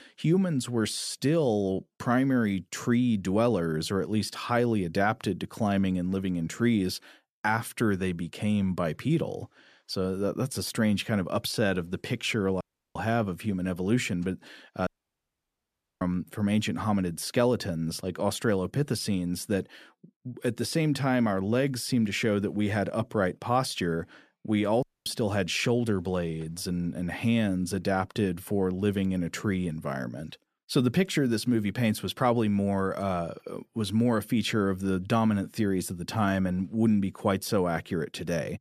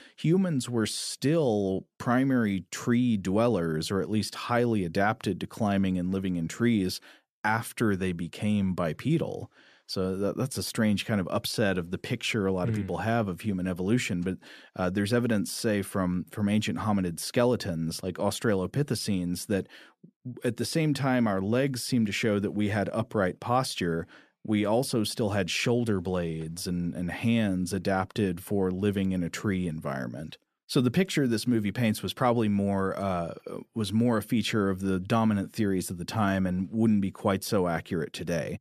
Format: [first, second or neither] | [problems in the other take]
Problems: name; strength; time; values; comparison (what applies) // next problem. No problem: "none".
second | audio cutting out; at 13 s, at 15 s for 1 s and at 25 s